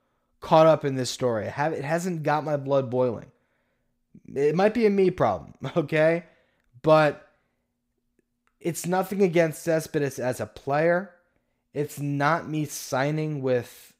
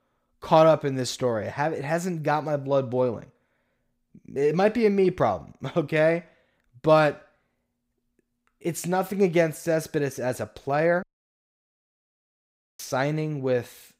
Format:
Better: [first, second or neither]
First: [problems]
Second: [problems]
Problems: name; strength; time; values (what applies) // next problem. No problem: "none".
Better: first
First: none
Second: audio cutting out; at 11 s for 2 s